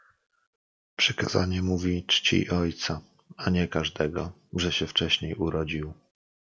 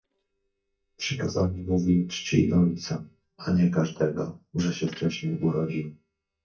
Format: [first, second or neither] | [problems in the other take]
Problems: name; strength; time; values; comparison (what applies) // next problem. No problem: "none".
first | noise reduction (neural mask model DeepFilterNet 3)